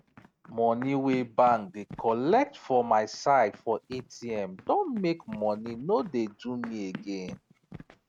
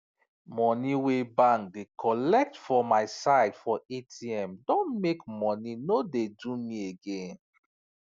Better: second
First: noise reduction (neural mask model RNNoise)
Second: none

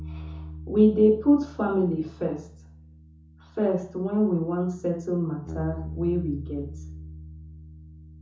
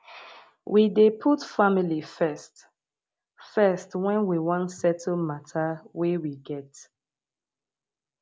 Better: second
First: background sound (Bass guitar); 13 dB below the speech // room echo; dies away in 0.6 s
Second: none

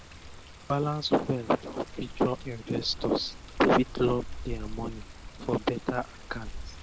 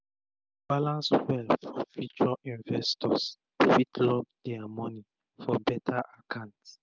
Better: second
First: background sound (Water); 11 dB below the speech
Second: none

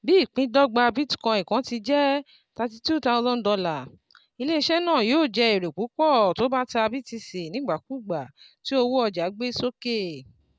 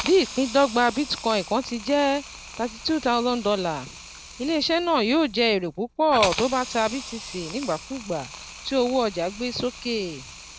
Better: first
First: none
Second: background sound (Hiss); 13 dB below the speech

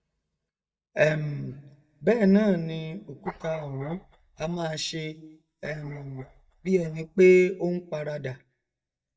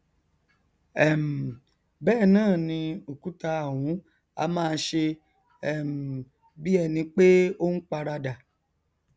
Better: second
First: noise reduction (neural mask model DeepFilterNet 3)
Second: none

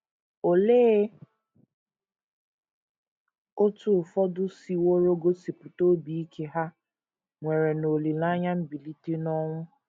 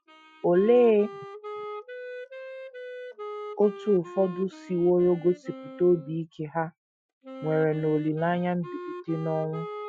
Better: first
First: none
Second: noise reduction (classical method Wiener filter)

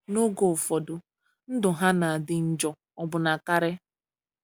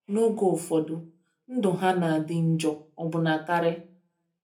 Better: first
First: none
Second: room echo; dies away in 0.3 s

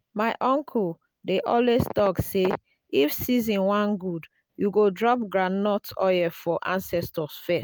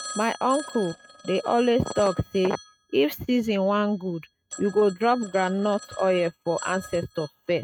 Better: first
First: none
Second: noise reduction (neural mask model RNNoise)

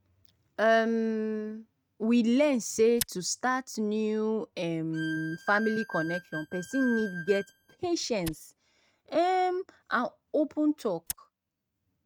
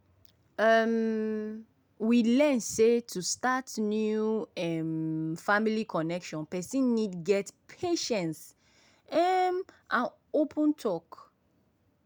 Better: second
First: noise reduction (neural mask model RNNoise)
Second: none

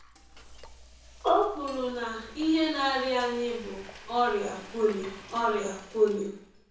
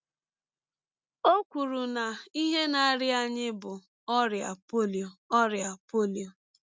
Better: second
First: background sound (Frying (food)); 18 dB below the speech // room echo; dies away in 0.6 s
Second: none

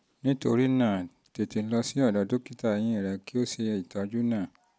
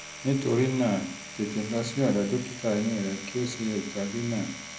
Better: first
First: none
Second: background sound (Domestic sounds, home sounds); 13 dB below the speech // room echo; dies away in 0.4 s

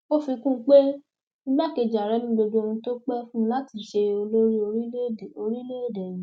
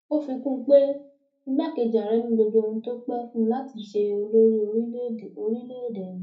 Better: first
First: none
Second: room echo; dies away in 0.3 s

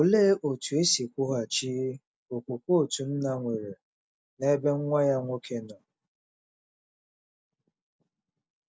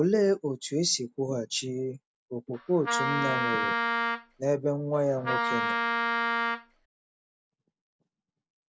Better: first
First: none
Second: background sound (Wind instrument, woodwind instrument); 2 dB above the speech

